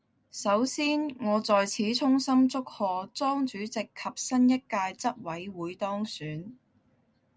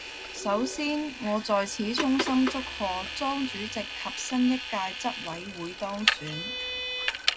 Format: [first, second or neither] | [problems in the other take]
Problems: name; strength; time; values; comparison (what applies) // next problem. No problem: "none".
first | background sound (Vehicle); 4 dB below the speech